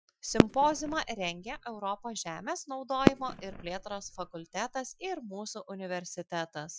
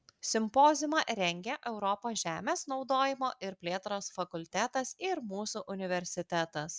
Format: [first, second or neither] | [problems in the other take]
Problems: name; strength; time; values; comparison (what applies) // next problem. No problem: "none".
second | noise reduction (classical method Wiener filter)